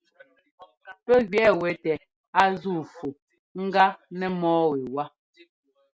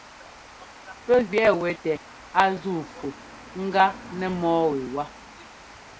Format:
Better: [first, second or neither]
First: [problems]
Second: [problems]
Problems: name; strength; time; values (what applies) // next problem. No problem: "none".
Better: first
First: none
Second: background sound (Water); 18 dB below the speech